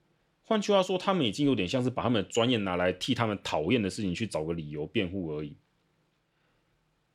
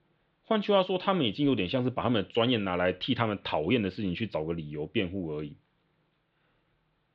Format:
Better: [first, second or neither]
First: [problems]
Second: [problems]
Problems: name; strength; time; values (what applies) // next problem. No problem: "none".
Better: first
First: none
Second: muffled; slightly; fading above 4 kHz